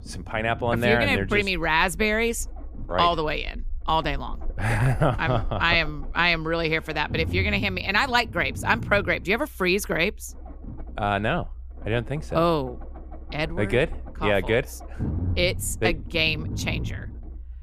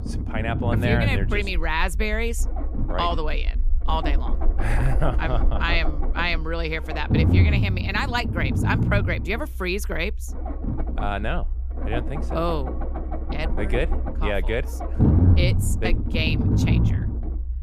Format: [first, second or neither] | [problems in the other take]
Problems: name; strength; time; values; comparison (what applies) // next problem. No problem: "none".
first | low rumble; loud; throughout; 7 dB below the speech; faint in the first